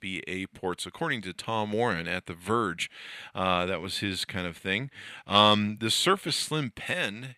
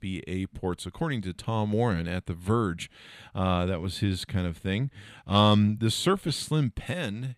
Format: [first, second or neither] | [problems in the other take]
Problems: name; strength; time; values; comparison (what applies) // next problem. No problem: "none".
second | thin; somewhat; fading below 500 Hz